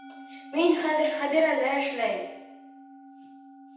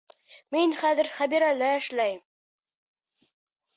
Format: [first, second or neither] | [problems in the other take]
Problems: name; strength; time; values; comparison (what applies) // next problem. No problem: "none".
second | background sound (Musical instrument); 19 dB below the speech // room echo; dies away in 0.9 s